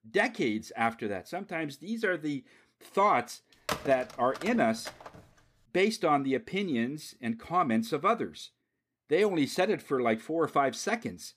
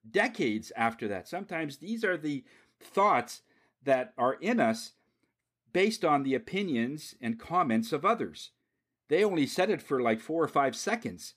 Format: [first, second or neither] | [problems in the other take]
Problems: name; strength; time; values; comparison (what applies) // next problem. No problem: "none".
second | phone ringing; noticeable; from 3.5 to 5 s; peak 6 dB below the speech